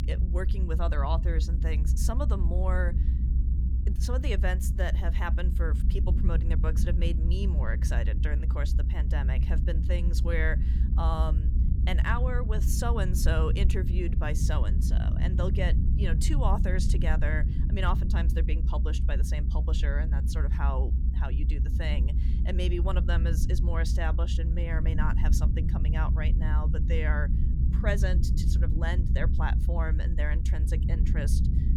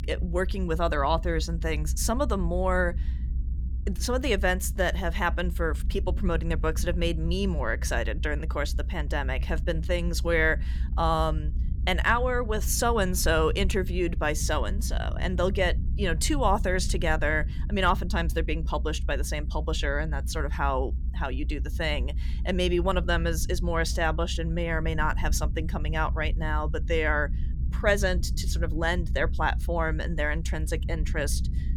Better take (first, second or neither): second